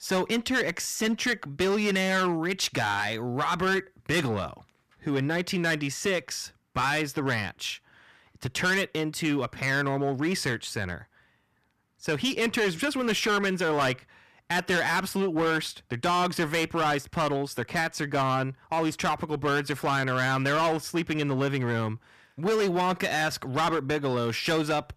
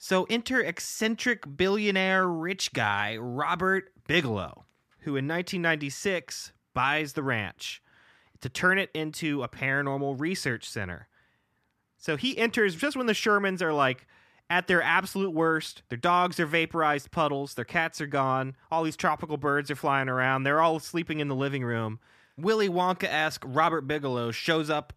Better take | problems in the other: second | distortion; heavy; 12% of the sound clipped

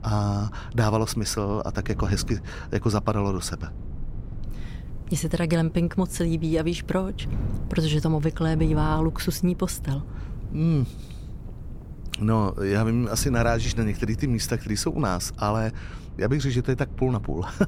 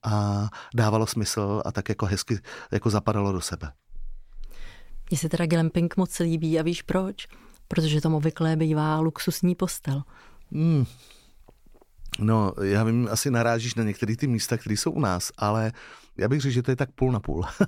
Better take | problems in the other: second | wind noise on the microphone; occasional gusts; 20 dB below the speech

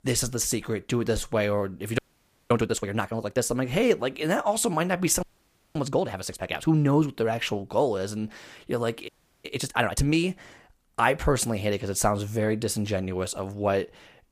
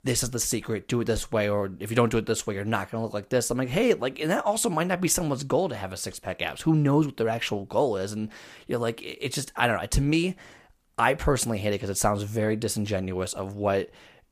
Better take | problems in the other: second | audio freezing; at 2 s for 0.5 s, at 5 s for 0.5 s and at 9 s

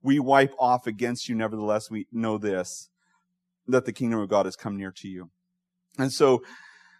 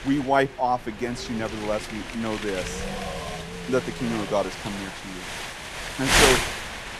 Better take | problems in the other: first | wind noise on the microphone; heavy; as loud as the speech

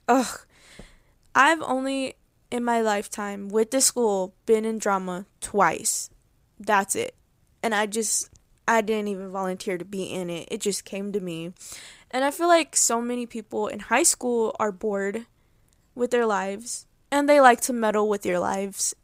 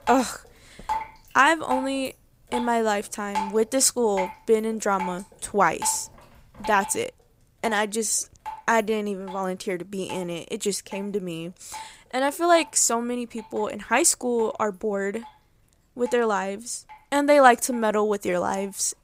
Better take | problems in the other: first | rain or running water; noticeable; throughout; 15 dB below the speech

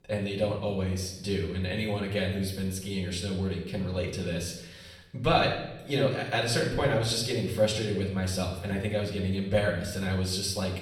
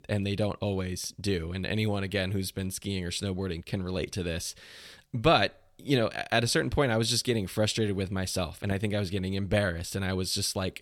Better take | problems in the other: second | off-mic speech; far // room echo; noticeable; dies away in 0.8 s

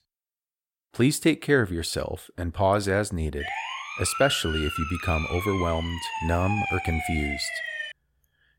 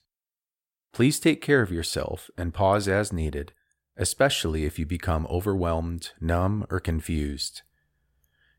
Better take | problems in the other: second | siren; noticeable; from 3.5 to 8 s; peak 2 dB below the speech

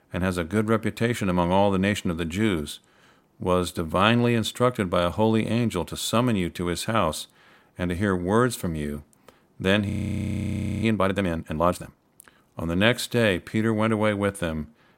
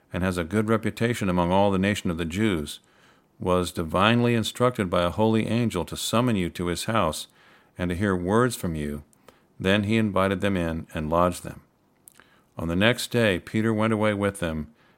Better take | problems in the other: second | audio freezing; at 10 s for 1 s

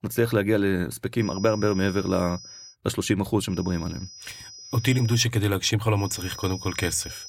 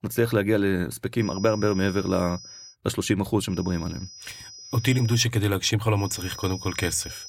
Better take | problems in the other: neither | high-pitched whine; noticeable; from 1 to 2.5 s, from 3.5 to 5 s and from 6 s on; 5 kHz, 15 dB below the speech; the same in both

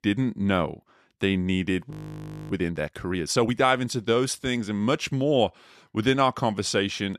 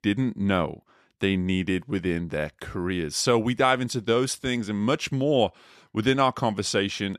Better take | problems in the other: second | audio freezing; at 2 s for 0.5 s

